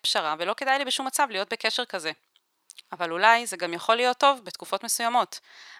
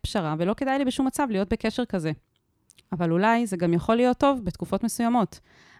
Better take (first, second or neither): second